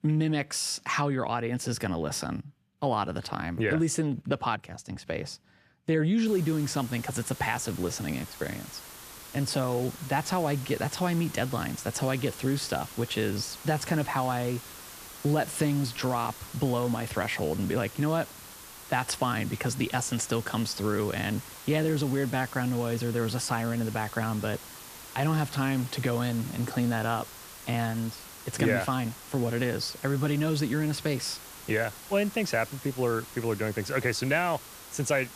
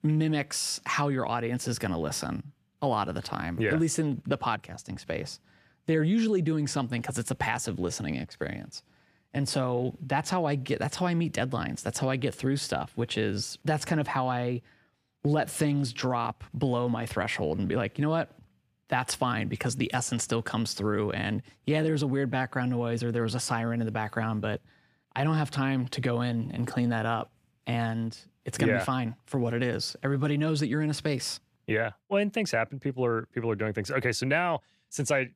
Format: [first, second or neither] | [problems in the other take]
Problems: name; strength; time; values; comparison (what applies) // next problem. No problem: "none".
second | hiss; noticeable; from 6.5 s on; 15 dB below the speech